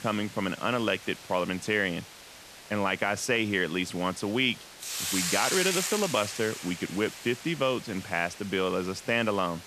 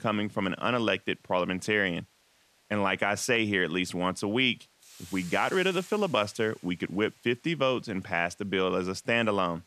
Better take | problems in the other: second | hiss; loud; throughout; 6 dB below the speech; faint in the second

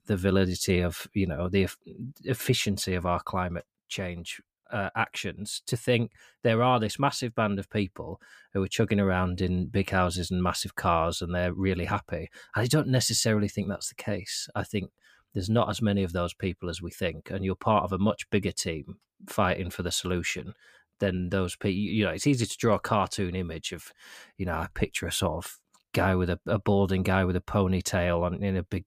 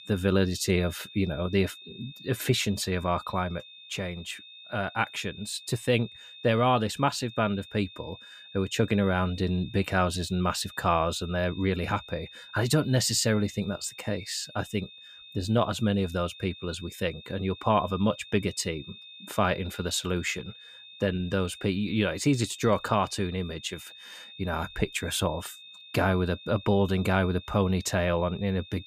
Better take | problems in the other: first | high-pitched whine; noticeable; throughout; 3.5 kHz, 15 dB below the speech

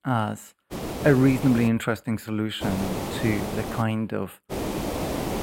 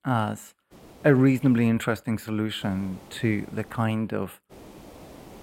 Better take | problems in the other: second | hiss; loud; at 0.5 s, from 2.5 to 4 s and at 4.5 s; 7 dB below the speech; faint in the second

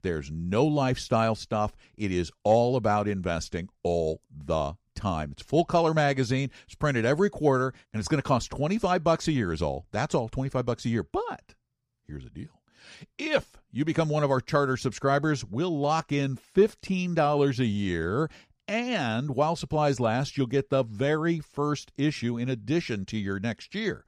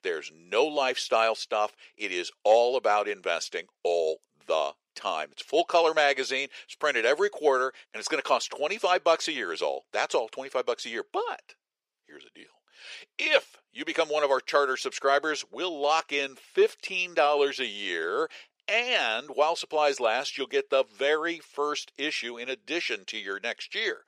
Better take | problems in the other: first | thin; very; fading below 450 Hz

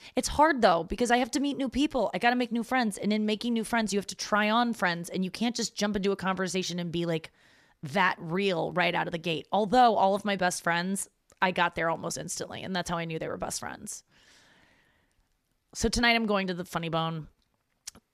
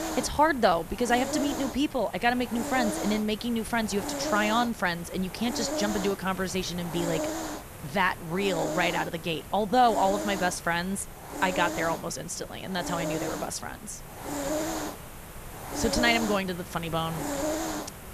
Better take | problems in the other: first | hiss; loud; throughout; 7 dB below the speech

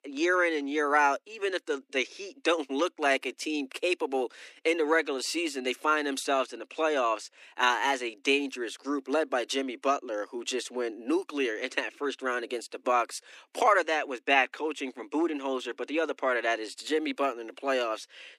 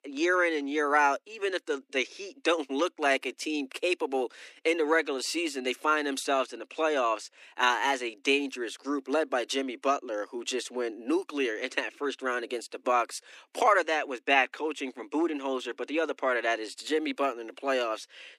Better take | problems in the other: neither | thin; somewhat; fading below 250 Hz; the same in both

